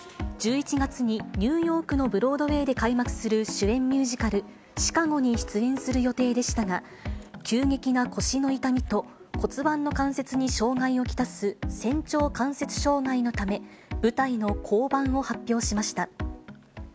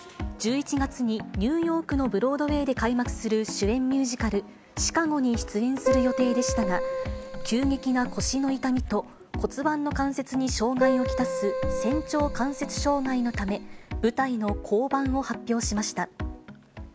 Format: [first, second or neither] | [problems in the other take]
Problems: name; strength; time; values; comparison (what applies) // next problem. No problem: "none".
first | background sound (Keyboard (musical)); 4 dB below the speech